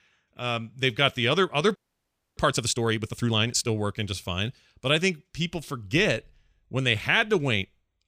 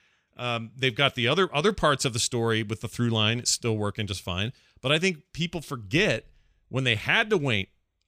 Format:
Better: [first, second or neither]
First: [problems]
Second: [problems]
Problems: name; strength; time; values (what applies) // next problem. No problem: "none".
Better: second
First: audio freezing; at 2 s for 0.5 s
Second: none